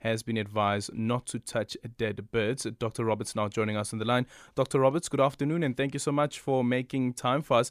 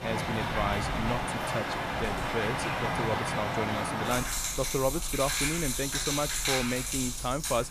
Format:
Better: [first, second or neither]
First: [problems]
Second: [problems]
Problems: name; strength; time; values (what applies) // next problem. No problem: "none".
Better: first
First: none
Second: rain or running water; very loud; throughout; 3 dB above the speech